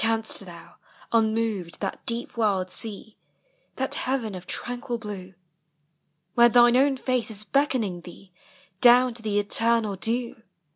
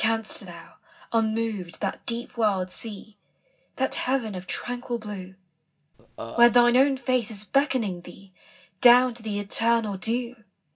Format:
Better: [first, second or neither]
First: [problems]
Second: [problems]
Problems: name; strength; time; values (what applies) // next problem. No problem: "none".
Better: first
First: none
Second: background sound (Burping, eructation); 10 dB below the speech // room echo; dies away in 0.4 s